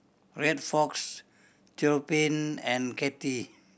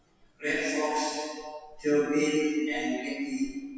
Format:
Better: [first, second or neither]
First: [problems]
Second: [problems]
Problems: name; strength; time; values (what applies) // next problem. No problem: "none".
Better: first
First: none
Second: noise reduction (classical method WPE with log-MMSE)